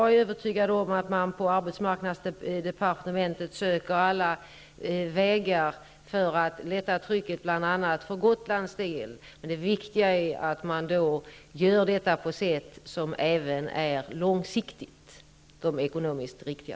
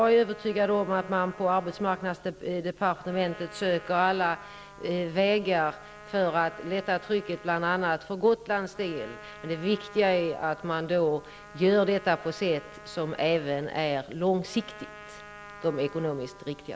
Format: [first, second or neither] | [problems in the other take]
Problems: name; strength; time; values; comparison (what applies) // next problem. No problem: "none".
first | background sound (Trumpet); 20 dB below the speech